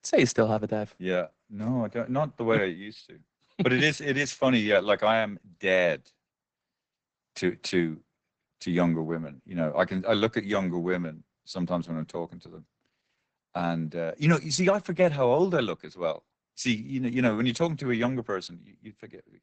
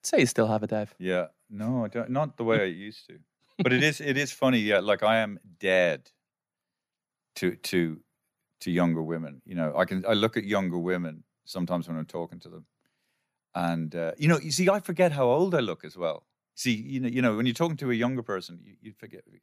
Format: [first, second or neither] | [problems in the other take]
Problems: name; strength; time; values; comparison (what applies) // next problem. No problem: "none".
second | garbled, watery; badly; nothing above 8 kHz